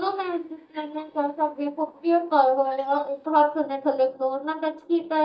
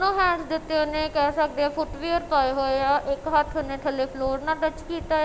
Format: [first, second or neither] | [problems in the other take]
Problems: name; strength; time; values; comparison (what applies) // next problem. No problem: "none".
second | noise reduction (neural mask model DeepFilterNet 3)